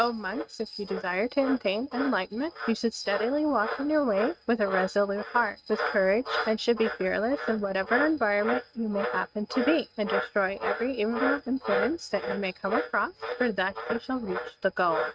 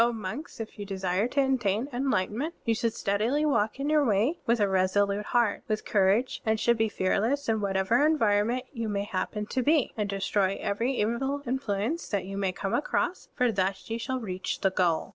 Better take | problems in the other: second | noise reduction (neural mask model RNNoise)

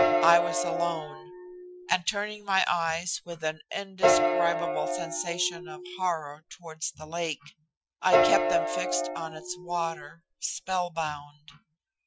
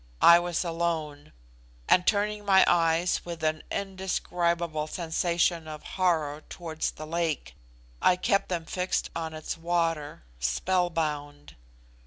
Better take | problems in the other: second | noise reduction (classical method Wiener filter)

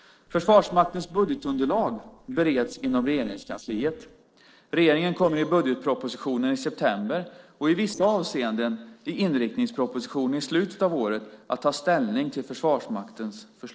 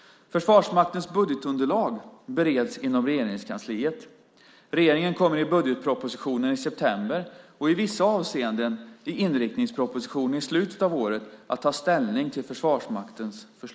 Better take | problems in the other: second | noise reduction (neural separator model SepFormer DNS4)

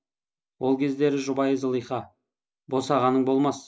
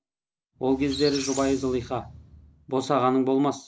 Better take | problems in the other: first | background sound (Squeak); 13 dB below the speech

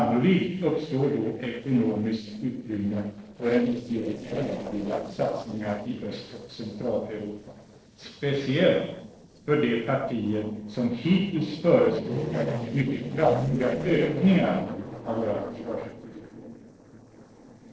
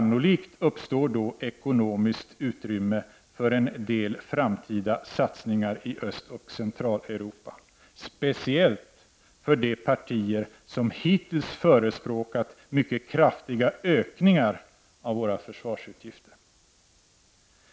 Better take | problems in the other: second | noise reduction (neural separator model SepFormer DNS4)

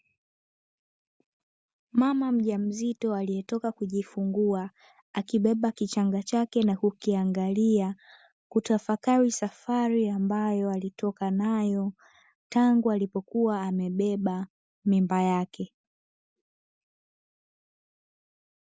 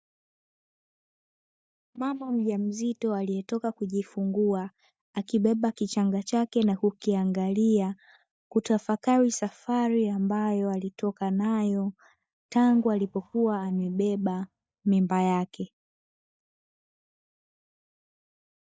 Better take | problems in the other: first | noise reduction (neural mask model DeepFilterNet 3)

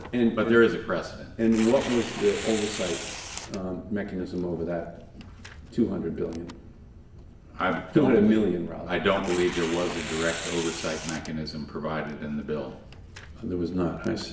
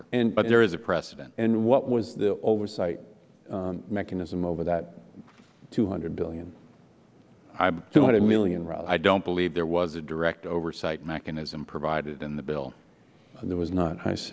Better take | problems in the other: second | background sound (Tearing); 13 dB below the speech // room echo; dies away in 0.8 s

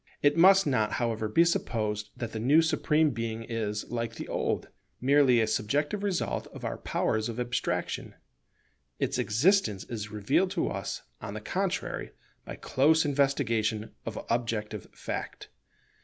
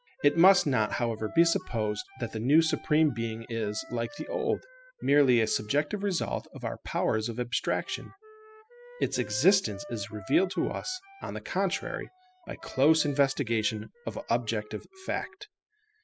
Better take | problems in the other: first | noise reduction (classical method spectral subtraction)

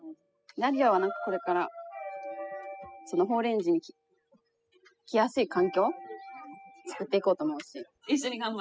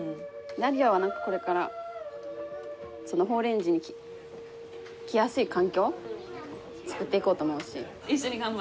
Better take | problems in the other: second | noise reduction (classical method spectral subtraction)

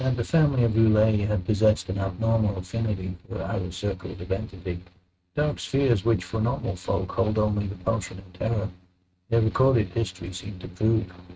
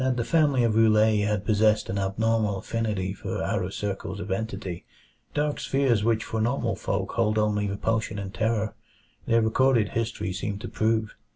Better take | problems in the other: second | noise reduction (neural mask model RNNoise)

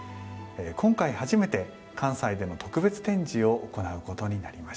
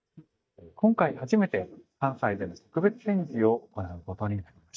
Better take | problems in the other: first | noise reduction (neural mask model DeepFilterNet 3)

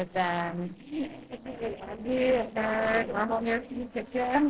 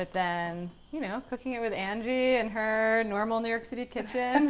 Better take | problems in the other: second | noise reduction (neural separator model SepFormer DNS4)

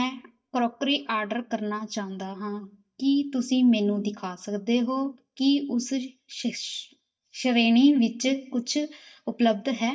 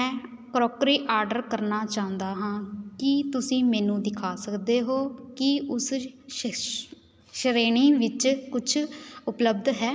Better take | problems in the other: second | noise reduction (neural mask model DeepFilterNet 3)

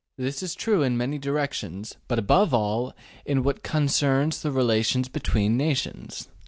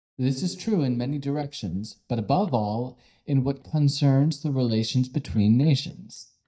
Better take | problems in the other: first | noise reduction (neural mask model DeepFilterNet 3)

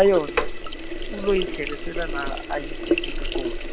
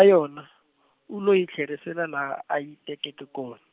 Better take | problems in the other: second | background sound (Sink (filling or washing)); as loud as the speech

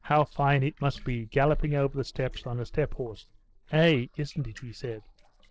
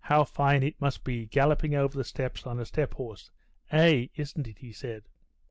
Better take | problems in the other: second | noise reduction (neural separator model SepFormer DNS4)

